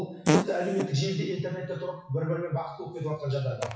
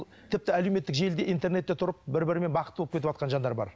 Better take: second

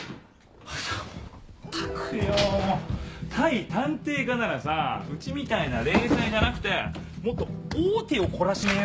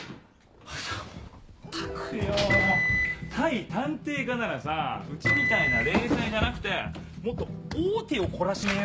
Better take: first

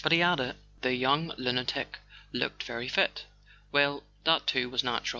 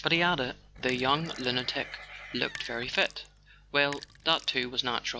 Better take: first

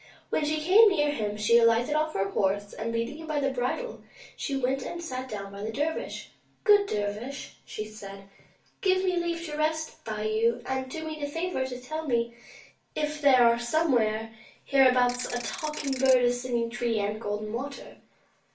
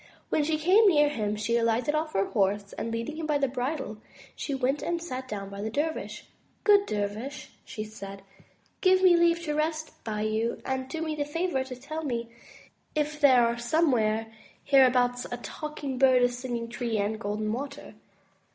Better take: second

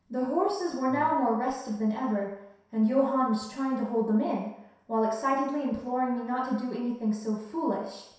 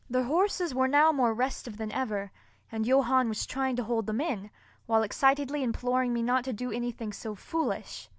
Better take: second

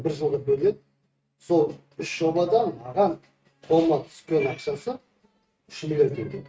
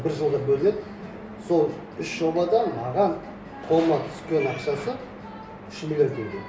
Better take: second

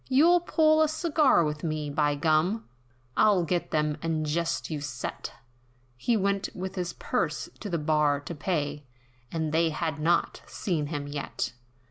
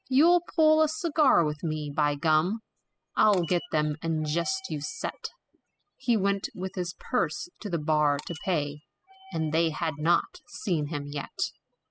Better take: first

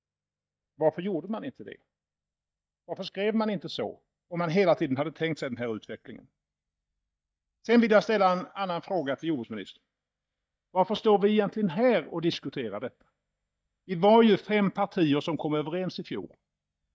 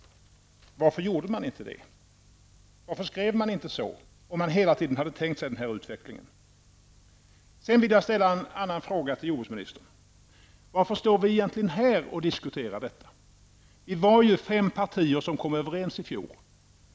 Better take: second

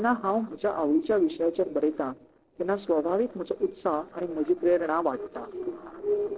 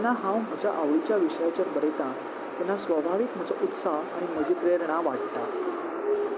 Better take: second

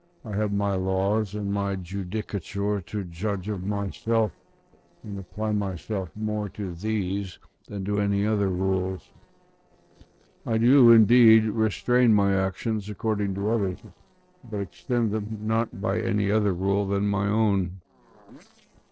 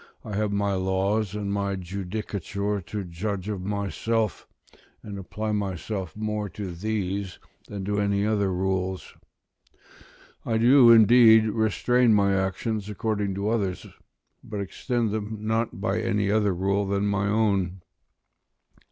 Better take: second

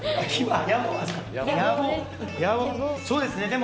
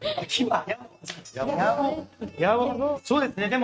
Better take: first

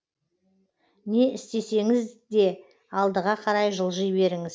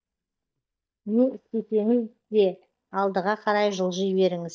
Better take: first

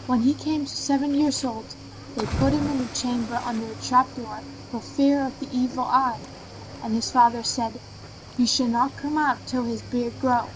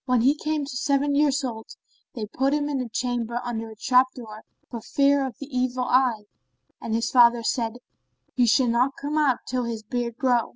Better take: second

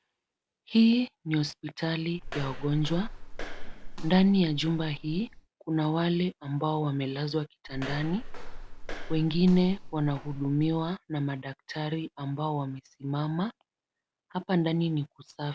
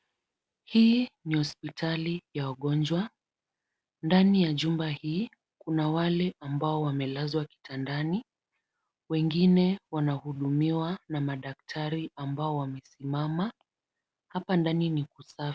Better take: second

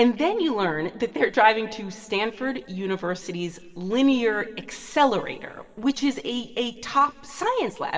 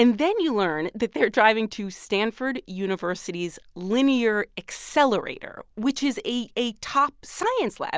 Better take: second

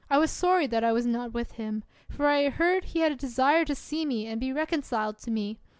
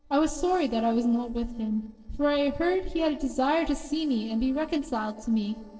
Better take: first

